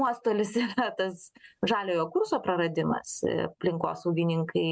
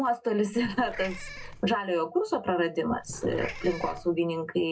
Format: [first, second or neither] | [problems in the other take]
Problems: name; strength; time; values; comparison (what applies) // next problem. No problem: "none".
first | background sound (Meow / Purr); 12 dB below the speech // room echo; dies away in 0.2 s